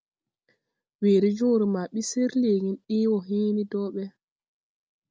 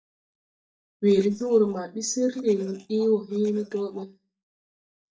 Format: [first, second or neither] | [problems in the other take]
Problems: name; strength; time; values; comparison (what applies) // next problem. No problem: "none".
first | noise reduction (neural mask model DeepFilterNet 3)